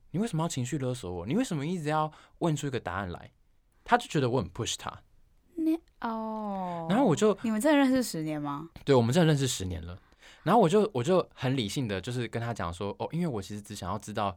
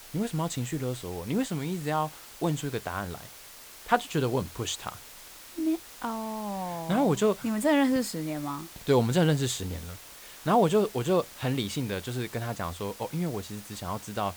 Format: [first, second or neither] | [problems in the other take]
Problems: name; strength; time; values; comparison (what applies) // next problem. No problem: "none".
first | hiss; noticeable; throughout; 15 dB below the speech